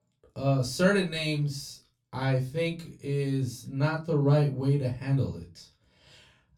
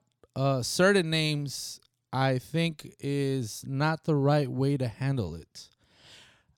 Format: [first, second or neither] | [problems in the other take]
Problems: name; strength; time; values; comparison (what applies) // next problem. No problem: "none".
second | off-mic speech; far // room echo; very slight; dies away in 0.2 s